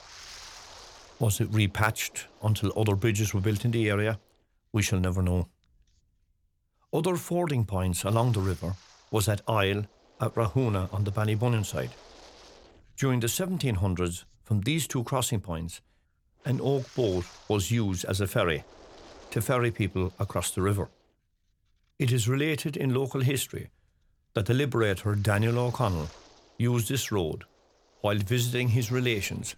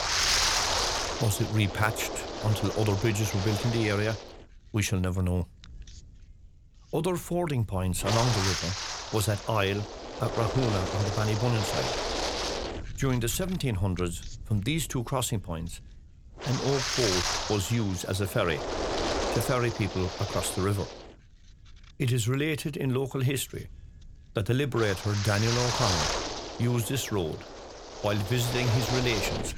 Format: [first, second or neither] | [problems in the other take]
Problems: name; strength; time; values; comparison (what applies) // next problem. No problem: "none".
first | wind noise on the microphone; heavy; 1 dB above the speech; occasional gusts in the first